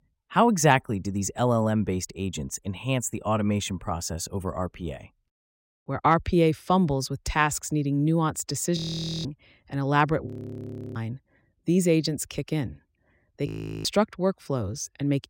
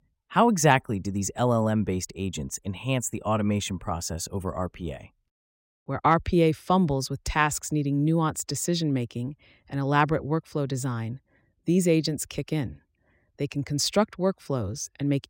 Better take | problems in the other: second | audio freezing; at 9 s, at 10 s for 0.5 s and at 13 s

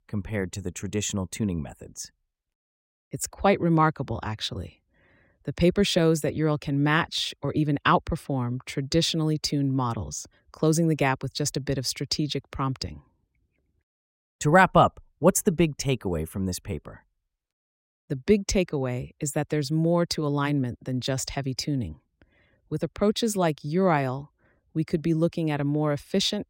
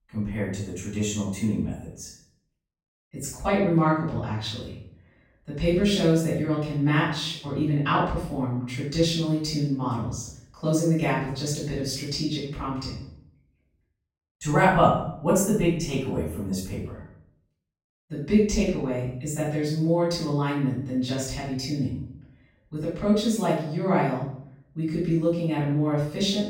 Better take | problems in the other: first | room echo; noticeable; dies away in 0.6 s // off-mic speech; far

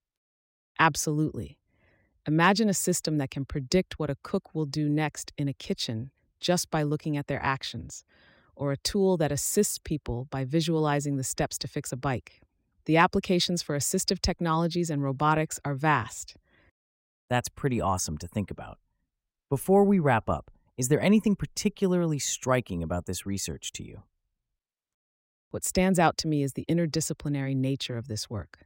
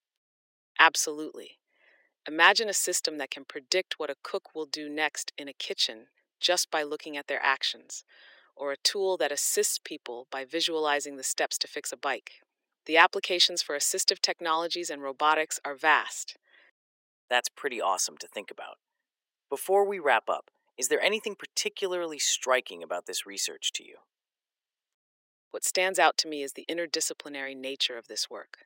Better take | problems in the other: first | thin; very; fading below 400 Hz

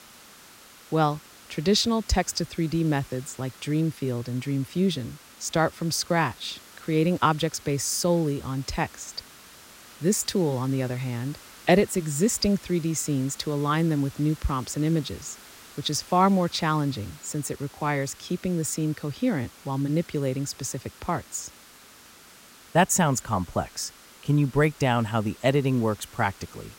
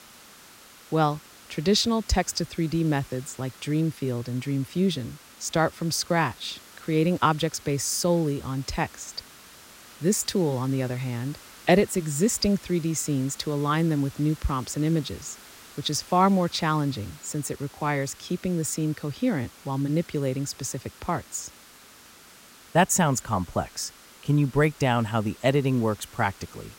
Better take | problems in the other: neither | hiss; faint; throughout; 20 dB below the speech; the same in both

